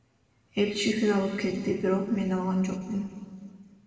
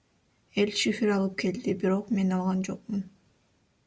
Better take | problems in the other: second | room echo; dies away in 2.1 s

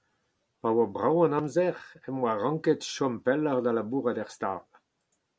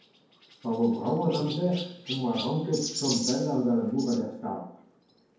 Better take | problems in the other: first | background sound (Chirp, tweet); 11 dB below the speech // room echo; dies away in 0.9 s

